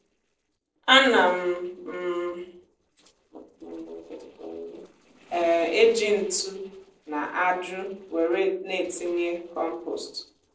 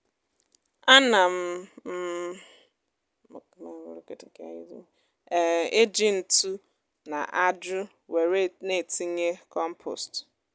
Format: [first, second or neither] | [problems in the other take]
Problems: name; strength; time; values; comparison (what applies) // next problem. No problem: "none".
second | noise reduction (neural separator model SepFormer DNS4)